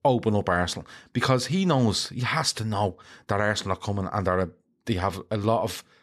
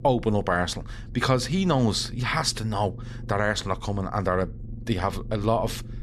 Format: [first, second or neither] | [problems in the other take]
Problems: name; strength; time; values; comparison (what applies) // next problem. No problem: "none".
first | low rumble; faint; throughout; 25 dB below the speech